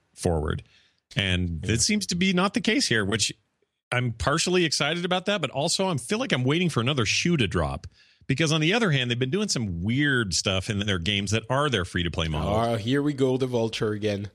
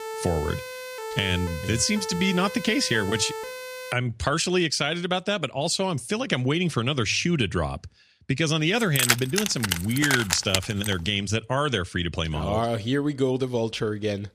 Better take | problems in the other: first | siren; noticeable; until 4 s; peak 8 dB below the speech // jangling keys; loud; from 9 to 11 s; peak 3 dB above the speech

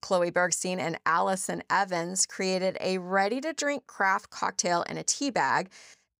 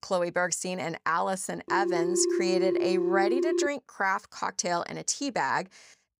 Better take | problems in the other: first | phone ringing; loud; from 1.5 to 3.5 s; peak 3 dB above the speech

